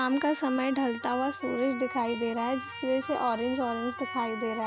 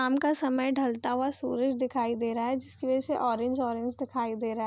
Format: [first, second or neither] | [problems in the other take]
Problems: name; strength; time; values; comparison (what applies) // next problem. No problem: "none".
second | background sound (Keyboard (musical)); 10 dB below the speech